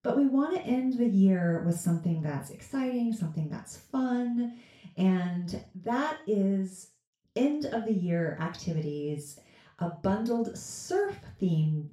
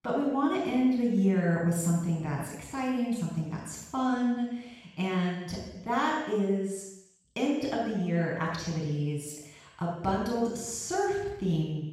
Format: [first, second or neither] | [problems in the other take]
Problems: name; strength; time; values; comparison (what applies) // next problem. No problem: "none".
first | room echo; strong; dies away in 0.9 s; slight in the first // off-mic speech; far; far in the first